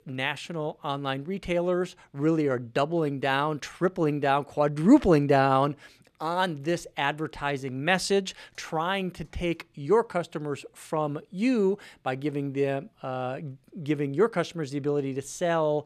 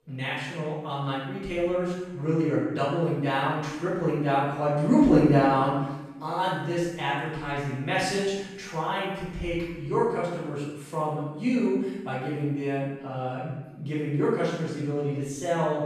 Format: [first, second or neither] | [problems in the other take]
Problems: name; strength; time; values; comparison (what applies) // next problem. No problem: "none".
first | off-mic speech; far // room echo; strong; dies away in 0.9 s